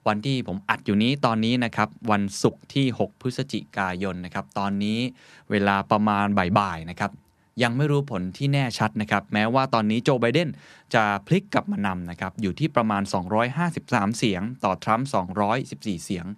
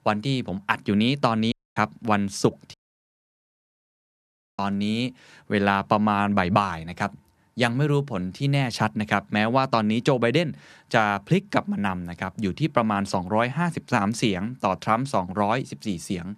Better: first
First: none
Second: audio cutting out; at 1.5 s and at 2.5 s for 2 s

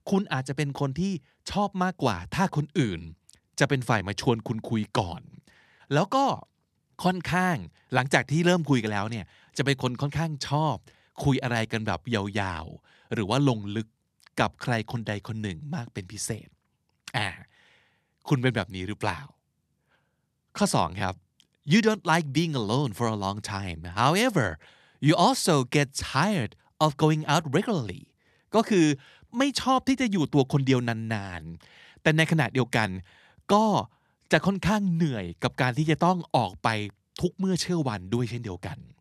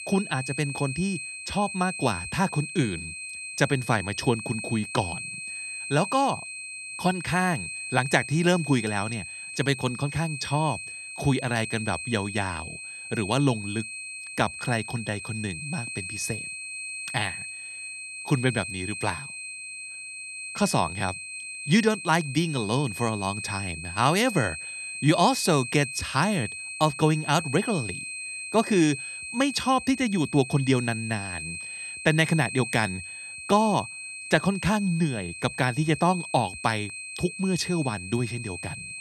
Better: first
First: none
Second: high-pitched whine; loud; throughout; 2.5 kHz, 8 dB below the speech

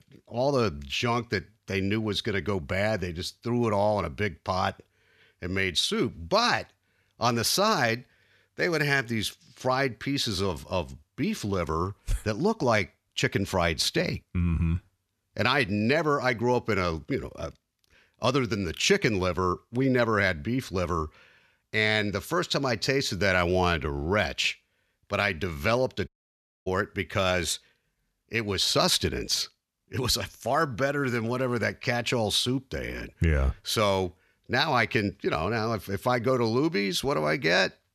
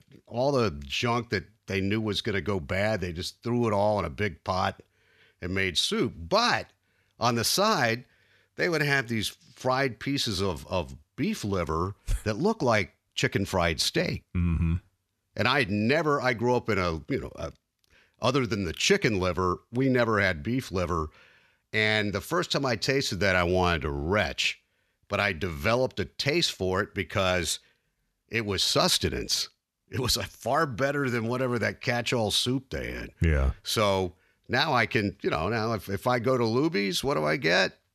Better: second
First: audio cutting out; at 26 s for 0.5 s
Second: none

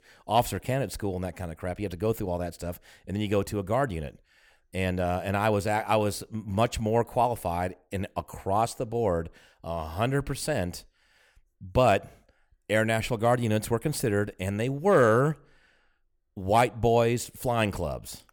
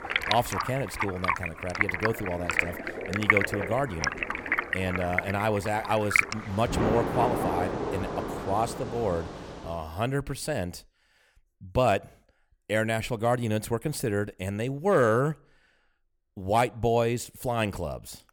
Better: first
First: none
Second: rain or running water; loud; until 10 s; as loud as the speech

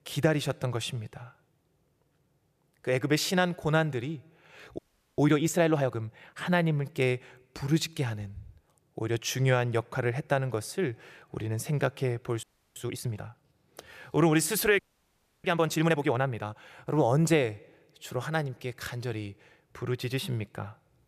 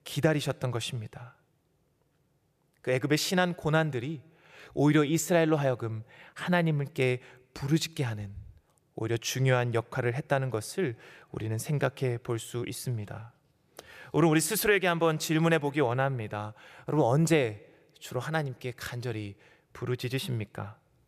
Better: second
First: audio freezing; at 5 s, at 12 s and at 15 s for 0.5 s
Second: none

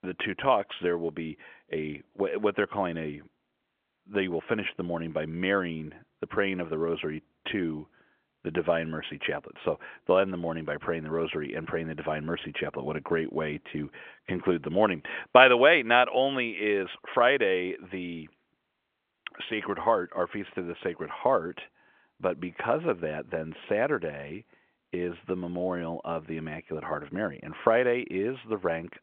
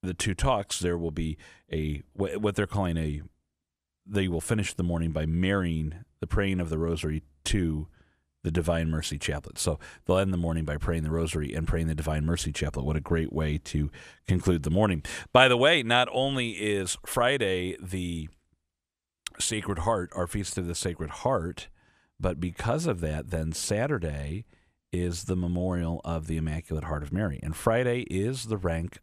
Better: second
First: phone-call audio; nothing above 3.5 kHz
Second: none

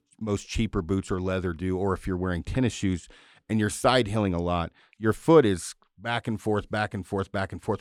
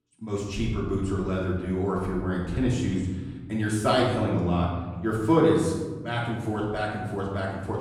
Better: first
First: none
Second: off-mic speech; far // room echo; noticeable; dies away in 1.3 s

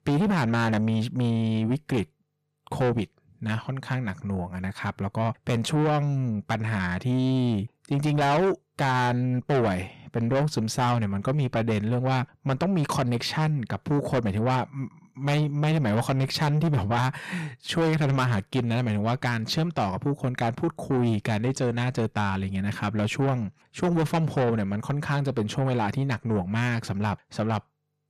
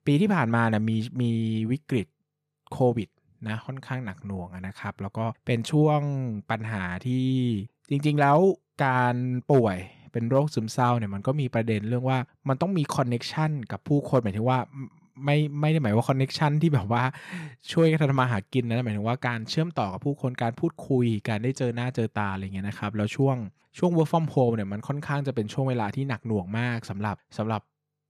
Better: second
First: distortion; heavy; 8 dB below the speech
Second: none

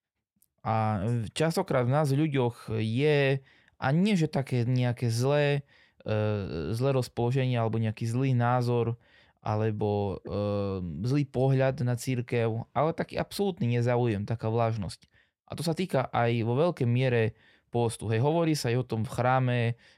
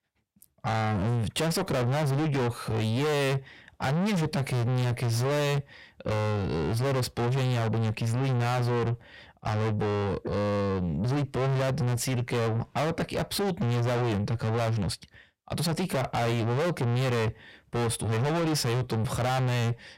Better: first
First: none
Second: distortion; heavy; 5 dB below the speech

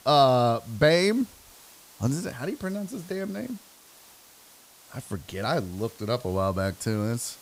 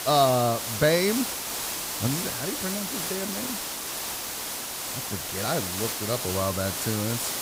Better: first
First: hiss; faint; throughout; 25 dB below the speech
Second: hiss; loud; throughout; 2 dB below the speech

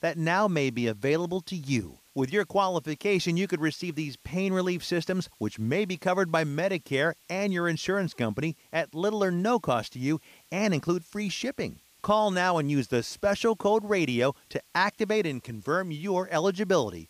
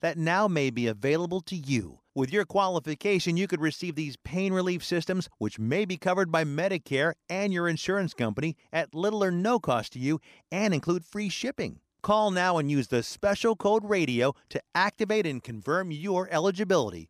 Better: second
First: hiss; faint; throughout; 30 dB below the speech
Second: none

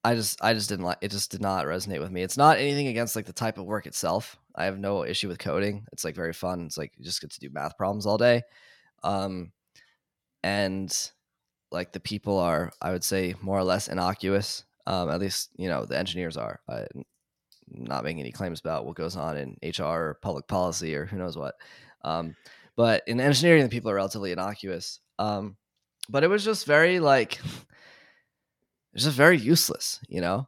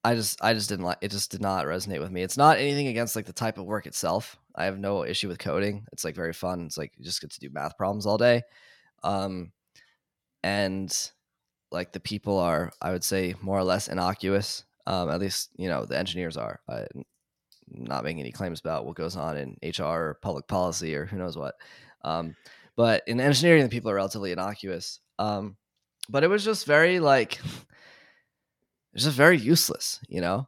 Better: neither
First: none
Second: none

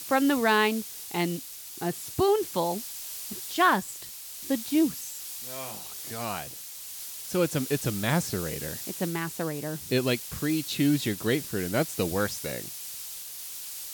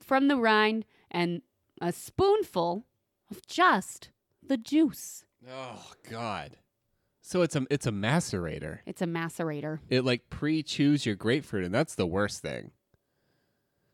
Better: second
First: hiss; loud; throughout; 8 dB below the speech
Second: none

